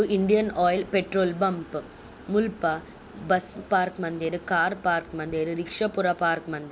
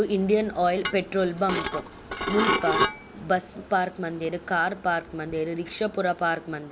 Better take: first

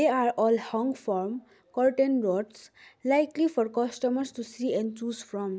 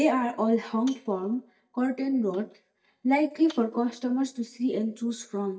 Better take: first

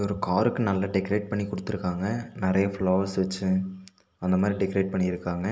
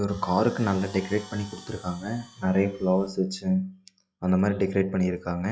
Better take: first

